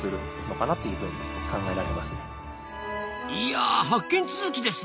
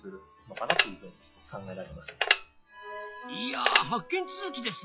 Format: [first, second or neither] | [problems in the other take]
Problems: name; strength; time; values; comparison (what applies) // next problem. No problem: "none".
first | noise reduction (classical method log-MMSE)